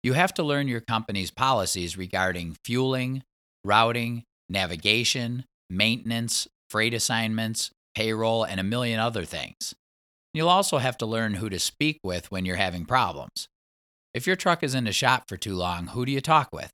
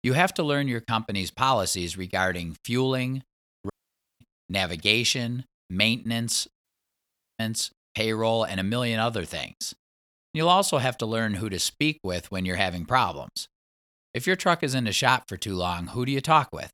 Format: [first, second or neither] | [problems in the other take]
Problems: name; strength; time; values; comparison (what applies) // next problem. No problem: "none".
first | audio cutting out; at 3.5 s for 0.5 s and at 6.5 s for 1 s